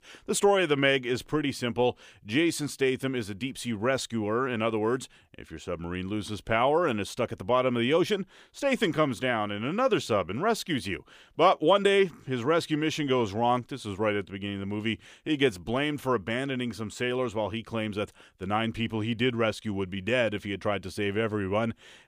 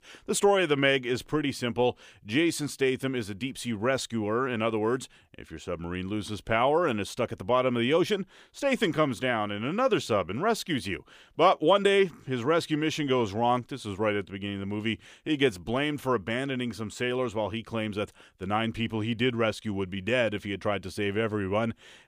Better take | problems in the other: neither | none

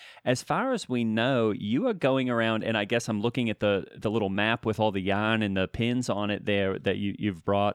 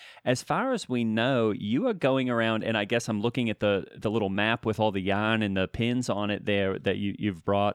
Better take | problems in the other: neither | none

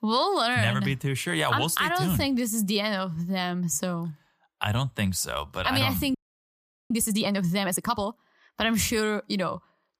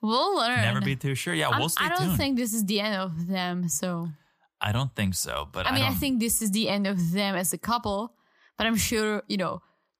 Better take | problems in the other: second | audio freezing; at 6 s for 1 s

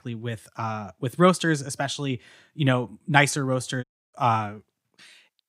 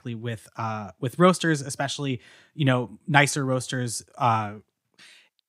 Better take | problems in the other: second | audio cutting out; at 4 s

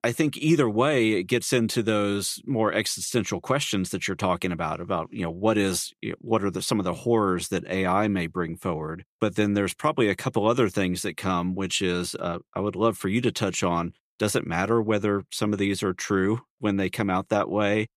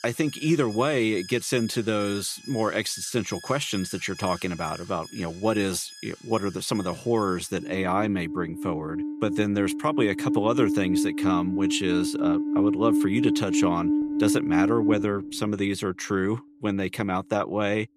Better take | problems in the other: first | alarms or sirens; very loud; throughout; as loud as the speech

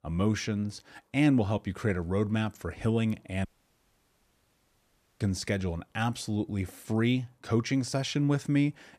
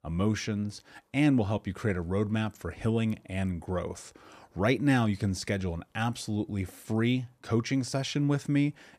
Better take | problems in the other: second | audio cutting out; at 3.5 s for 2 s

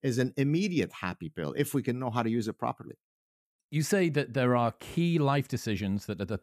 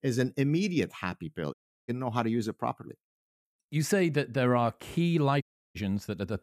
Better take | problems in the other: first | audio cutting out; at 1.5 s and at 5.5 s

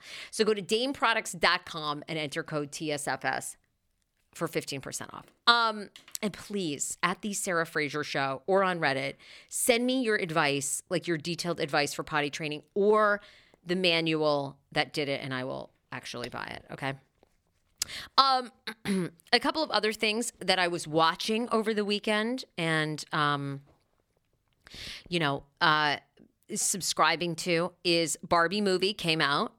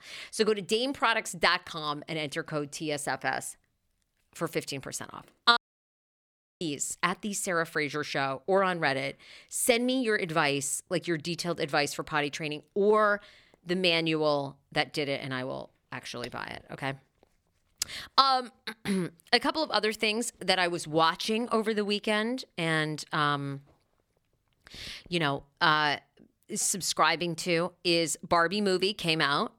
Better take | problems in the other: first | audio cutting out; at 5.5 s for 1 s

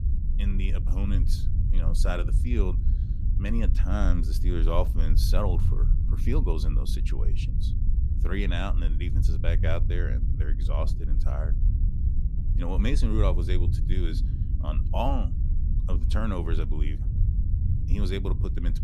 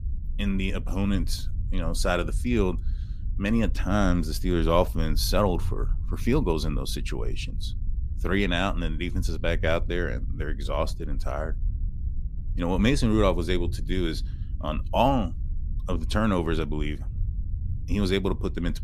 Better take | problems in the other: second | low rumble; loud; throughout; 9 dB below the speech; faint in the second

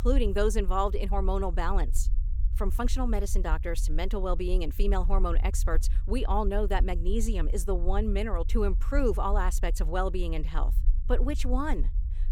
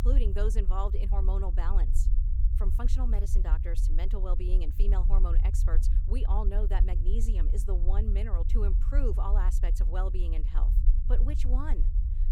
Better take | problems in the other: first | low rumble; loud; throughout; 9 dB below the speech; faint in the first

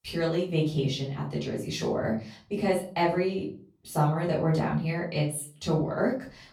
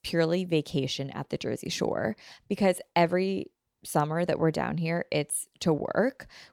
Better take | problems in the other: second | room echo; slight; dies away in 0.4 s // off-mic speech; far

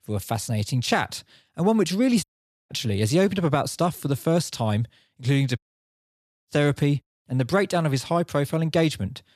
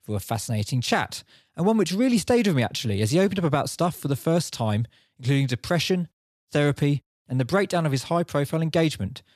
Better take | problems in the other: second | audio cutting out; at 2 s and at 5.5 s for 0.5 s

